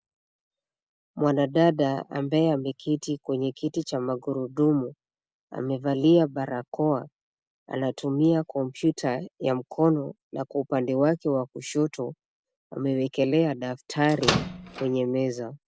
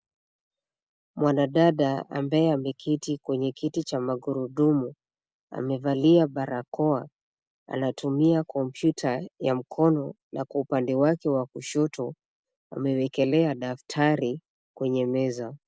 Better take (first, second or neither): second